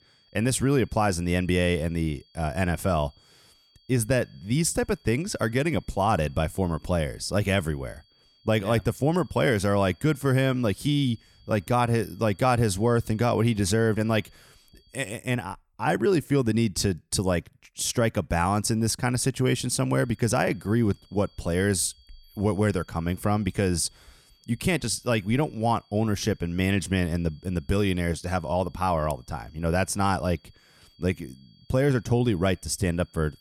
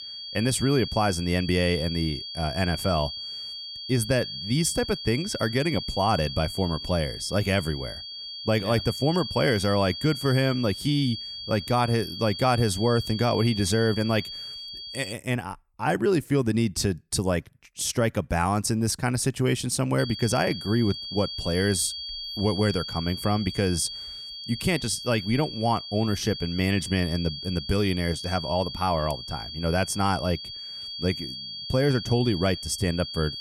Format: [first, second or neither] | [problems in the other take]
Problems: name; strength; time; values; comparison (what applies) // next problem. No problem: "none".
first | high-pitched whine; loud; until 15 s and from 20 s on; 4.5 kHz, 8 dB below the speech; faint in the first